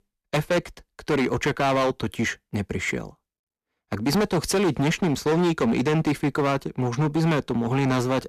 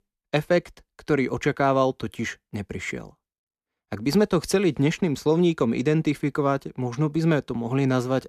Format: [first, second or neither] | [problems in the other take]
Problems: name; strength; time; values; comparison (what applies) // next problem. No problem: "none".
second | distortion; heavy; 16% of the sound clipped